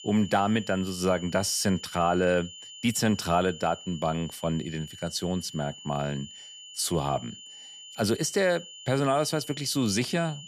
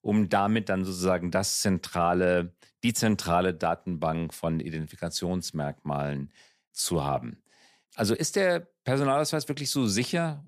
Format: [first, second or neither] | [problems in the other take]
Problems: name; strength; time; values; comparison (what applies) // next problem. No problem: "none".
second | high-pitched whine; noticeable; throughout; 3 kHz, 15 dB below the speech